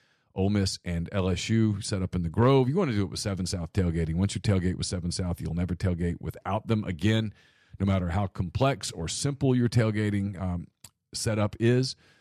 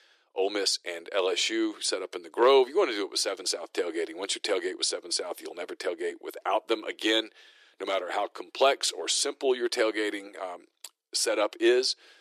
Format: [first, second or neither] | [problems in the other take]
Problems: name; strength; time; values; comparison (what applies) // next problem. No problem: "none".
first | thin; very; fading below 350 Hz